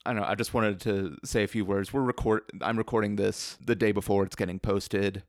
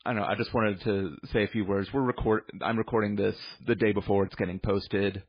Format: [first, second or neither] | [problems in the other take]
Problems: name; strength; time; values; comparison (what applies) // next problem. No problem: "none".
first | garbled, watery; badly